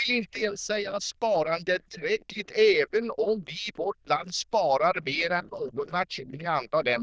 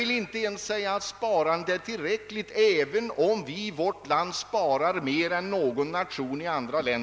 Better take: second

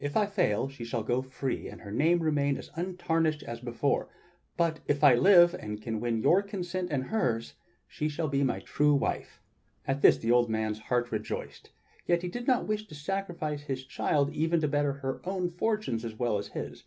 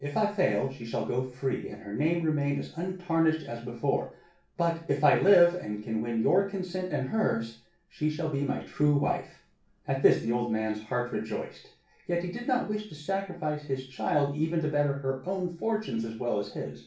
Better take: first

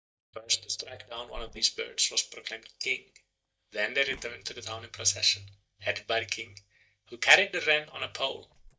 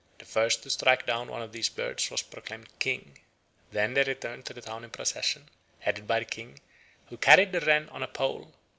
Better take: second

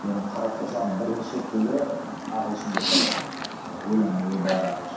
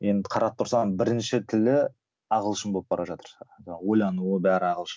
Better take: second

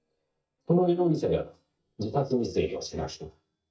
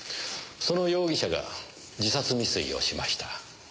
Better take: second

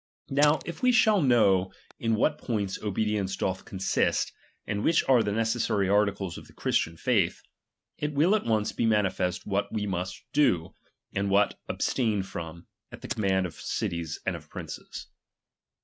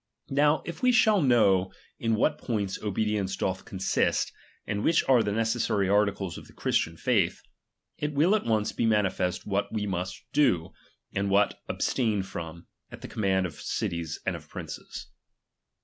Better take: second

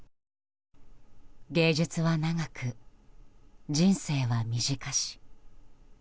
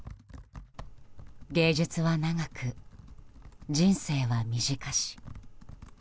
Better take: first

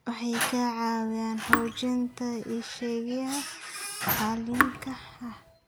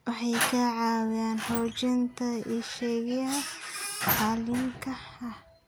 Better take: second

